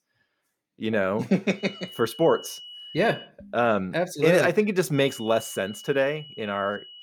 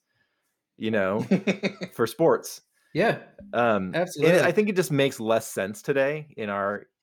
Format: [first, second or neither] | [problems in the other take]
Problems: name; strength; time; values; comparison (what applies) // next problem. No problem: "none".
second | high-pitched whine; noticeable; from 1.5 to 3 s and from 5 s on; 3 kHz, 15 dB below the speech